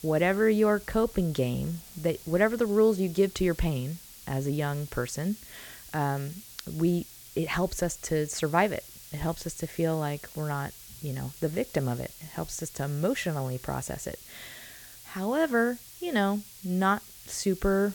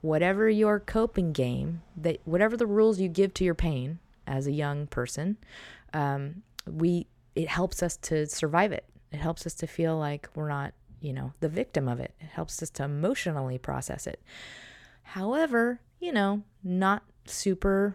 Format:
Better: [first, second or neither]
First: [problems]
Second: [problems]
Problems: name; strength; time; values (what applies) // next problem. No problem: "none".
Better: second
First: hiss; noticeable; throughout; 15 dB below the speech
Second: none